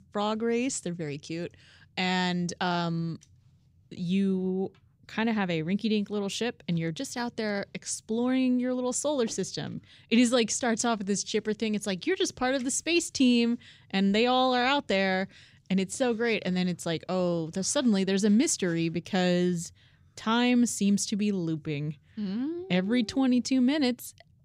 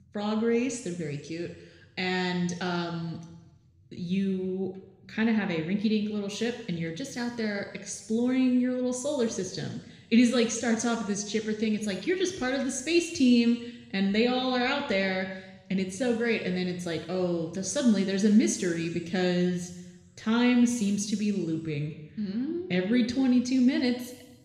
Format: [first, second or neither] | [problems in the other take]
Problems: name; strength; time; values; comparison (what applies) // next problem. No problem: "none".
first | room echo; noticeable; dies away in 1 s